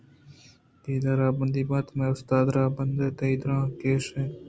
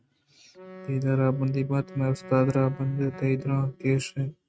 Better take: first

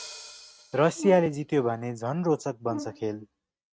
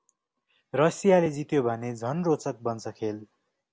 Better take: second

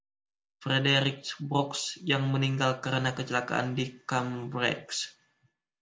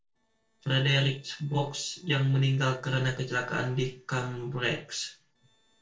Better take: first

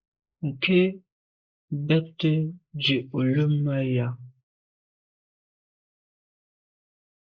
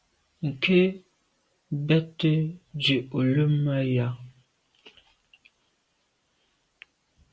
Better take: second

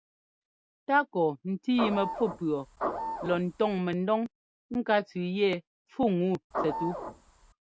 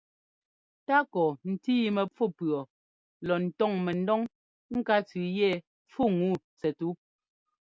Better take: second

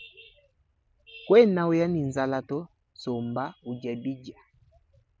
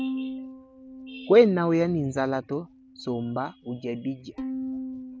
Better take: first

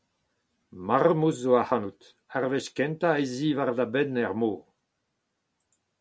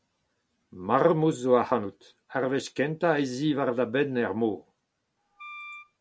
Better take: first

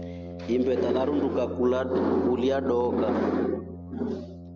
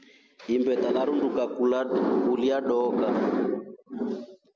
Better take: second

